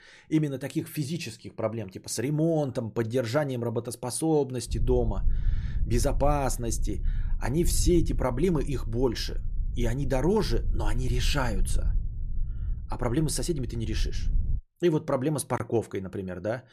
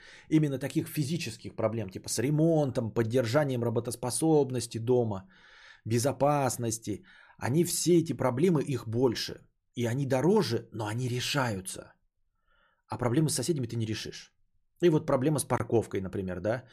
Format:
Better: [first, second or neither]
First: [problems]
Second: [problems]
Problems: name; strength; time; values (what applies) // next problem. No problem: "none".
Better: second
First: low rumble; faint; from 4.5 to 15 s; 20 dB below the speech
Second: none